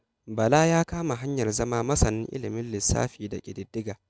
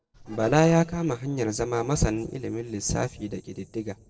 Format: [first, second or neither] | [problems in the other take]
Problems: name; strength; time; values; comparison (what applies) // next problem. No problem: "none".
first | noise reduction (neural separator model SepFormer DNS4)